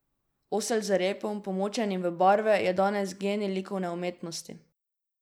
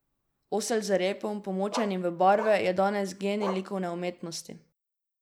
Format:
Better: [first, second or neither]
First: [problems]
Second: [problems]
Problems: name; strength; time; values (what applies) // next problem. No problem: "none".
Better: first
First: none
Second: background sound (Bark); 12 dB below the speech